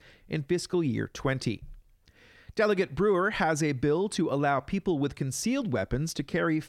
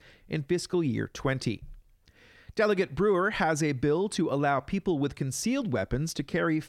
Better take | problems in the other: neither | none

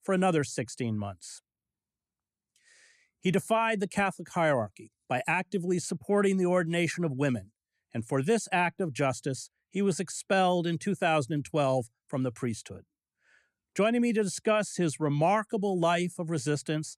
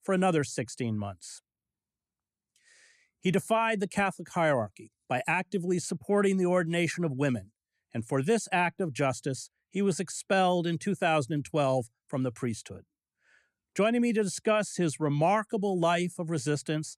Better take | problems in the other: neither | none

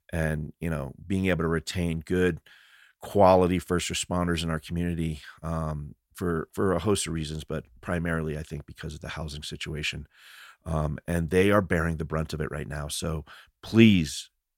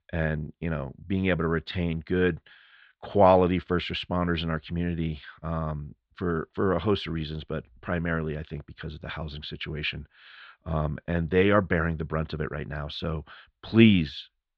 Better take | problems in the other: first | muffled; slightly; fading above 4 kHz

